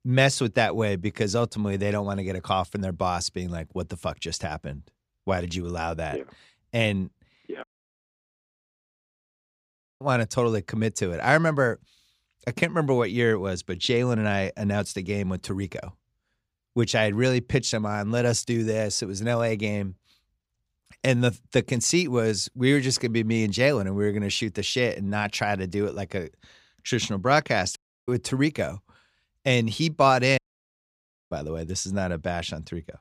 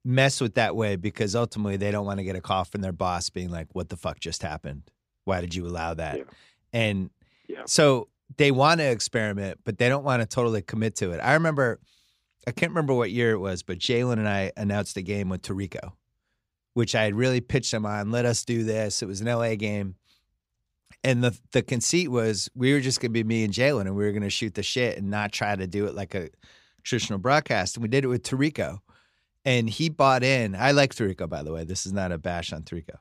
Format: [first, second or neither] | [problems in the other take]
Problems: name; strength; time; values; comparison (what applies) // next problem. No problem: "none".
second | audio cutting out; at 7.5 s for 2.5 s, at 28 s and at 30 s for 1 s